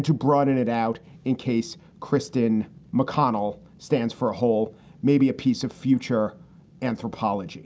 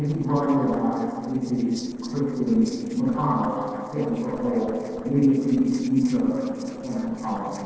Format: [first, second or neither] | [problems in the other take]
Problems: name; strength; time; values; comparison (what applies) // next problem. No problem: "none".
first | noise reduction (neural separator model SepFormer DNS4)